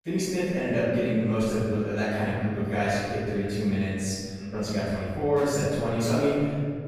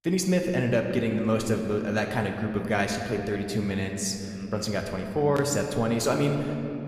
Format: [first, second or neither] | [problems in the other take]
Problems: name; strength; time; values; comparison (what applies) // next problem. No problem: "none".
second | room echo; strong; dies away in 2.1 s; slight in the second // off-mic speech; far